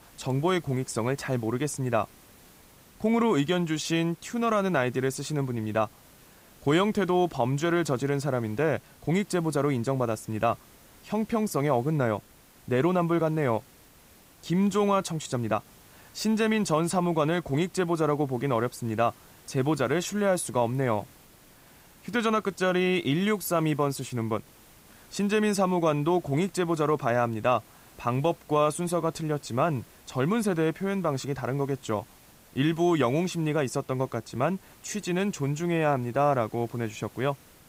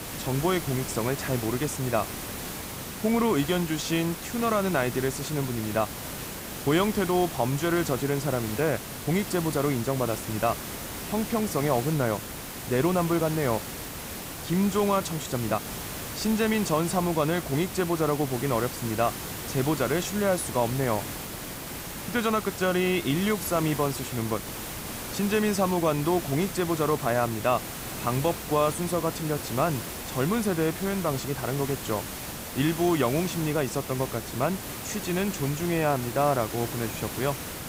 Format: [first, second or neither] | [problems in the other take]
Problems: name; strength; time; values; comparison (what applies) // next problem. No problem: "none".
first | hiss; loud; throughout; 7 dB below the speech; faint in the first